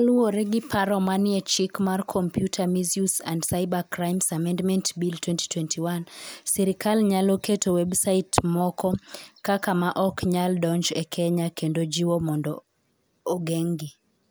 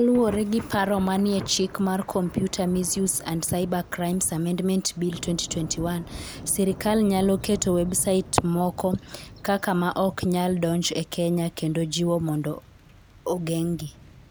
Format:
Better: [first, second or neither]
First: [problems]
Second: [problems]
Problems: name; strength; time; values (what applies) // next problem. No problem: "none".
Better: first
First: none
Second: background sound (Thunder / Rain); 17 dB below the speech